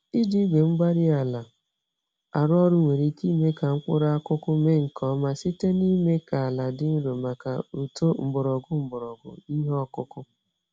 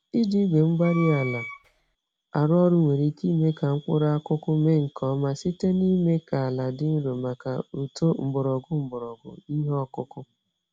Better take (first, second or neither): first